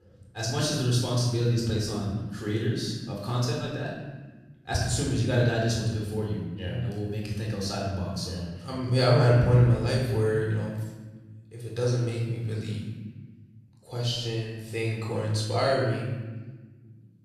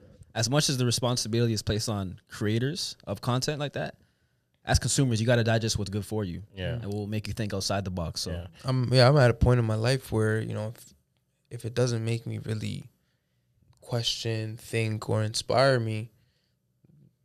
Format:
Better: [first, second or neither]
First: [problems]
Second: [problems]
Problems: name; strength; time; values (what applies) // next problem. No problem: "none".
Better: second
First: off-mic speech; far // room echo; noticeable; dies away in 1.3 s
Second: none